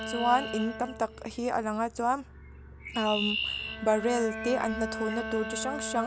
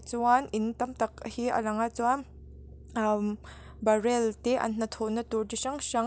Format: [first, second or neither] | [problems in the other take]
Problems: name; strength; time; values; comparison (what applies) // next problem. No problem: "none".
second | background sound (Bowed string instrument + Chirp, tweet); 7 dB below the speech